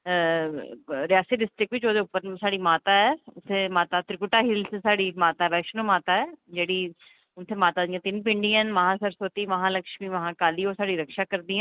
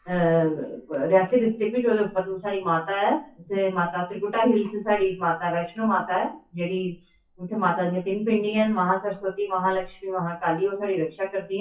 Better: first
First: none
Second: noise reduction (classical method WPE with log-MMSE)

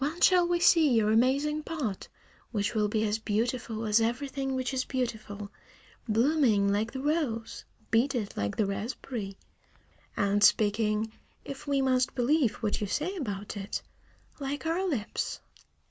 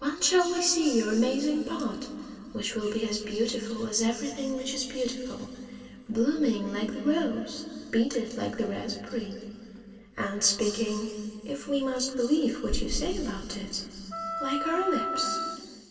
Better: first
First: none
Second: background sound (Wind instrument, woodwind instrument); 4 dB below the speech // room echo; dies away in 2.5 s

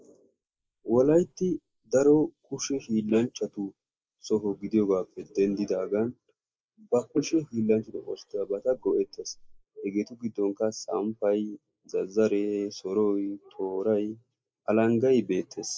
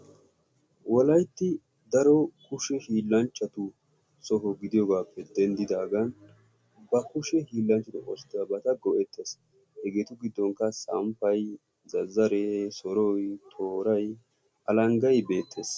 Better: second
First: noise reduction (neural mask model Resemble Enhance denoiser)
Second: none

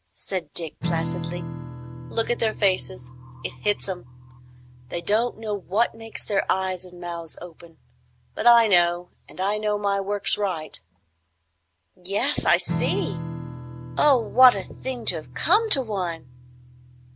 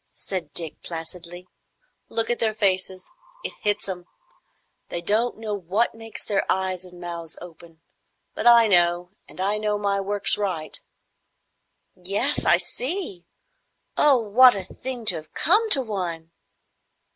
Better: second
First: background sound (Strum); 10 dB below the speech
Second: none

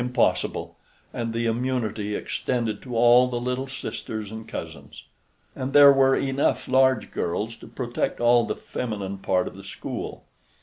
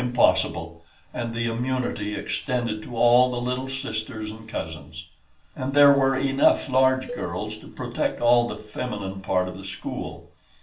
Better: first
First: none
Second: background sound (Cowbell); 18 dB below the speech // room echo; dies away in 0.3 s

